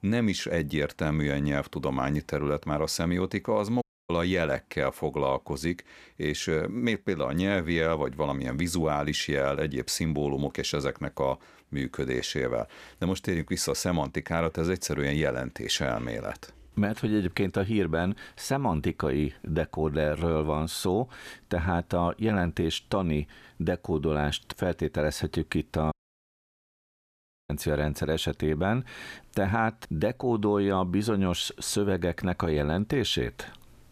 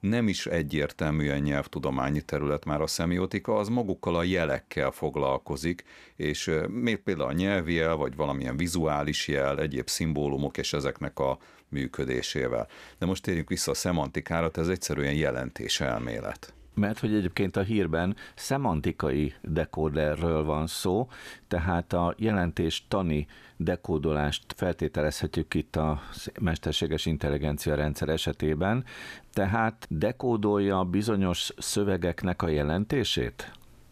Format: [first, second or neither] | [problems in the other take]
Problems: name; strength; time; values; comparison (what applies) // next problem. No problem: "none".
second | audio cutting out; at 4 s and at 26 s for 1.5 s